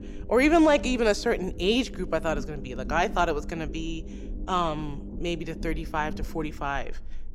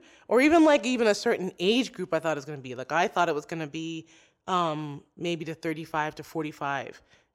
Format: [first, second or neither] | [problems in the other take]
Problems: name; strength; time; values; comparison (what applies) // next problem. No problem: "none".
second | low rumble; noticeable; throughout; 20 dB below the speech